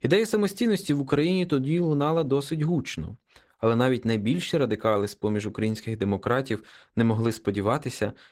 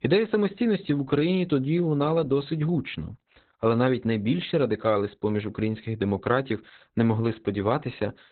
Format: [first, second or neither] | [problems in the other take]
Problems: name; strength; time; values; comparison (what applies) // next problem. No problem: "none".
first | garbled, watery; badly; nothing above 4 kHz; slightly in the first